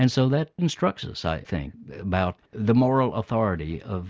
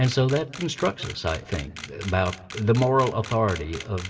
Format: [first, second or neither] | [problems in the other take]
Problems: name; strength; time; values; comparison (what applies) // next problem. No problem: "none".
first | background sound (Camera); 16 dB below the speech // room echo; dies away in 1.2 s